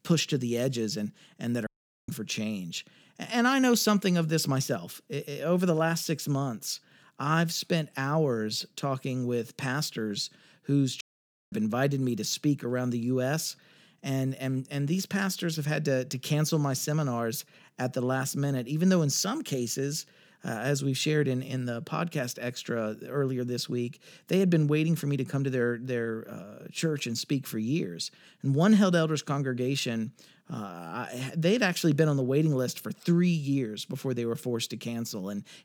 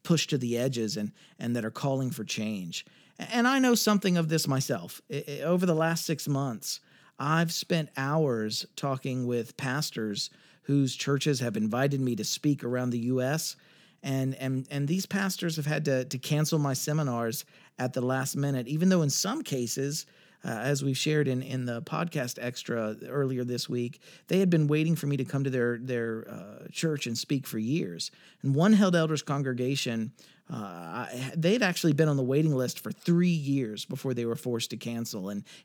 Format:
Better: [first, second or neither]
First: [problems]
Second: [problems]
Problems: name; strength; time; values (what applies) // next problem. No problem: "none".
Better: second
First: audio cutting out; at 1.5 s and at 11 s for 0.5 s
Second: none